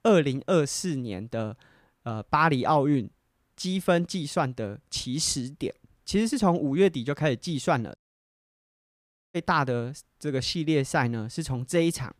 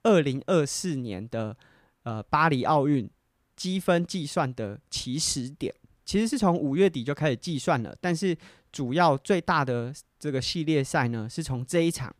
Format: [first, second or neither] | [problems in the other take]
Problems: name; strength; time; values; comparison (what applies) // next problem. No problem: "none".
second | audio cutting out; at 8 s for 1.5 s